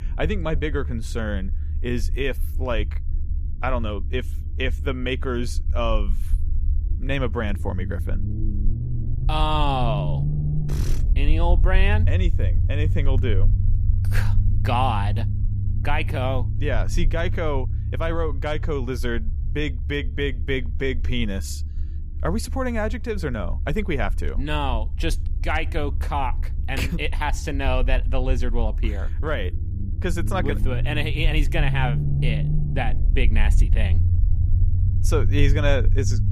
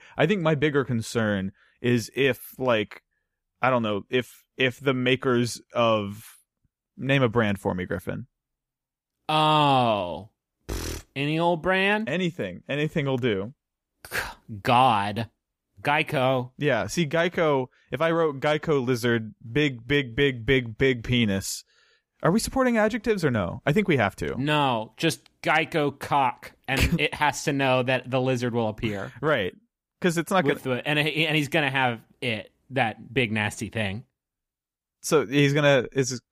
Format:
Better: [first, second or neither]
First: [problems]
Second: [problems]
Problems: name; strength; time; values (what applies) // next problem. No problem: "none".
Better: second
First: low rumble; noticeable; throughout; 15 dB below the speech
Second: none